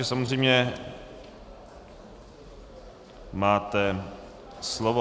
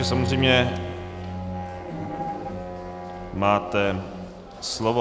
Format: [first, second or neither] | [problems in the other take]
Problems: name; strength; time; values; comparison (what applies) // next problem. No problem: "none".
first | background sound (Bowed string instrument); 5 dB below the speech